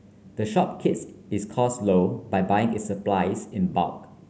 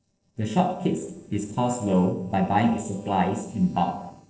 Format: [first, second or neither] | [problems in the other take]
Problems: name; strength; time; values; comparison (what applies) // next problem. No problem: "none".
first | noise reduction (neural separator model SepFormer DNS4)